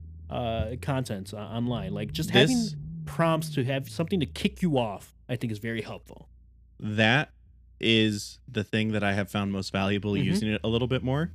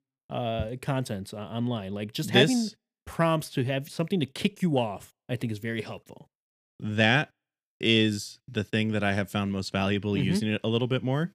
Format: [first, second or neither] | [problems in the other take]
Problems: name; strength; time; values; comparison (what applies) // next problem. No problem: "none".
second | low rumble; faint; throughout; 20 dB below the speech